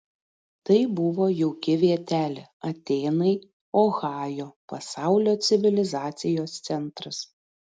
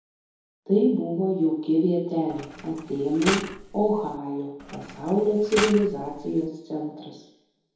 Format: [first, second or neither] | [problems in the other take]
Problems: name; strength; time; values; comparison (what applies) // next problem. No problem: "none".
first | background sound (Mechanisms); 9 dB below the speech // room echo; dies away in 1.9 s